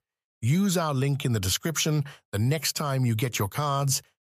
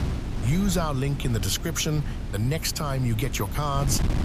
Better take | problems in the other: first | wind noise on the microphone; occasional gusts; 10 dB below the speech

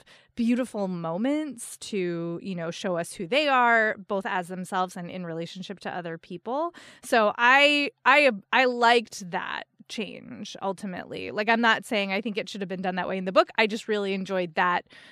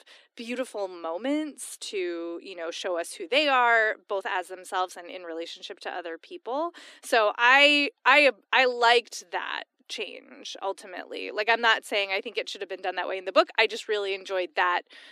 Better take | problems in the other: first | thin; very slightly; fading below 300 Hz

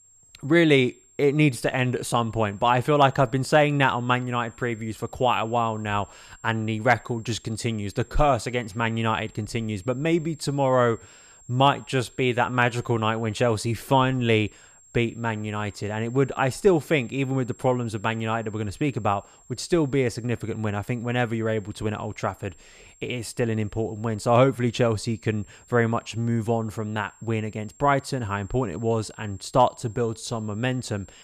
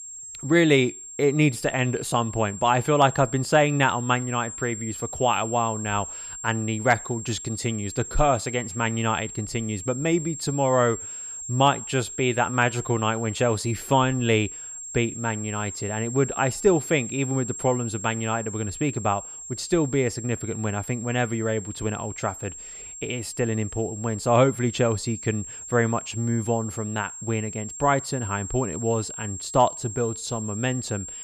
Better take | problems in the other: first | high-pitched whine; loud; throughout; 7.5 kHz, 10 dB below the speech; faint in the first

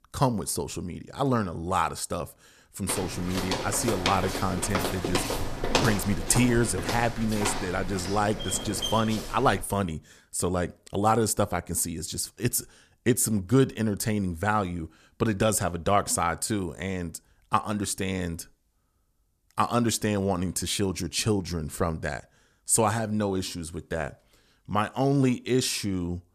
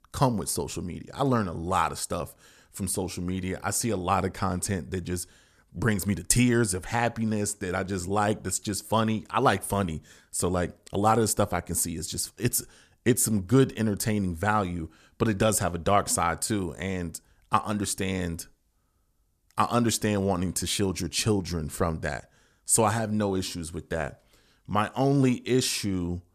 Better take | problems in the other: second | footsteps; loud; from 3 to 9.5 s; peak 1 dB above the speech

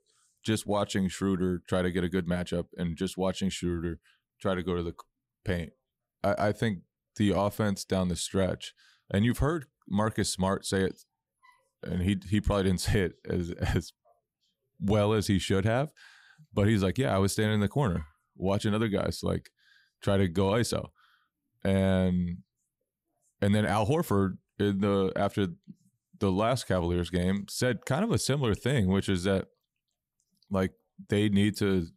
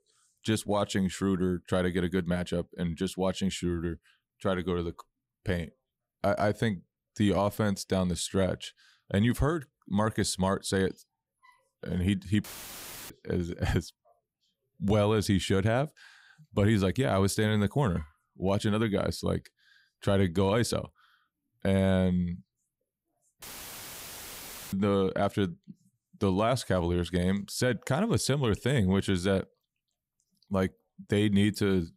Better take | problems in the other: first | audio cutting out; filled with static; at 12 s for 0.5 s and at 23 s for 1.5 s

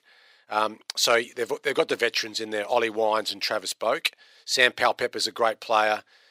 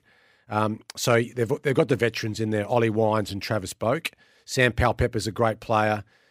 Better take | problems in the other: second | thin; very; fading below 500 Hz

